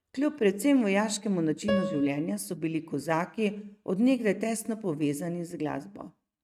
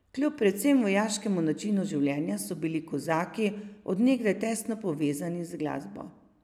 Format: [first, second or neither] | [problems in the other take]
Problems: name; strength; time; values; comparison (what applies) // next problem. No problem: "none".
second | noise reduction (neural mask model RNNoise)